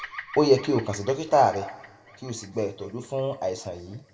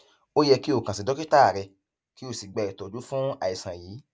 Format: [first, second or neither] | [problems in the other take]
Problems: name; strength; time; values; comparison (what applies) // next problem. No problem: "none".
second | background sound (Bird vocalization, bird call, bird song); 19 dB below the speech // room echo; dies away in 1.4 s